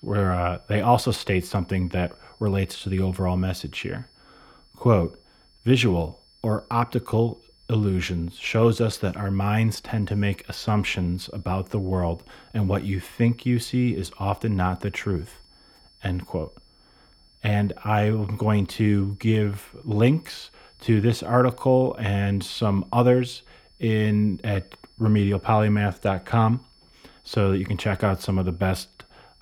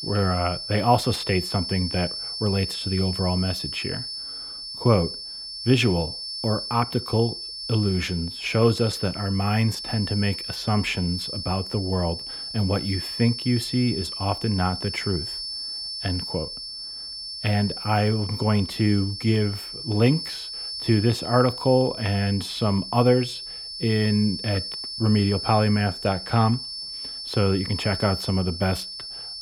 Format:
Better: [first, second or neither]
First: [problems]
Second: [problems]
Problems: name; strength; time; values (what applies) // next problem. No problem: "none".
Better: first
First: high-pitched whine; faint; throughout; 5.5 kHz, 30 dB below the speech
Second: high-pitched whine; loud; throughout; 5.5 kHz, 6 dB below the speech